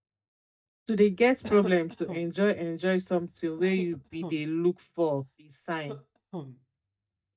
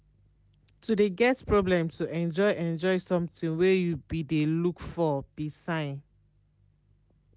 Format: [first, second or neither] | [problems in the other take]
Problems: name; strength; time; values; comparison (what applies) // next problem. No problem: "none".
second | noise reduction (neural mask model DeepFilterNet 3)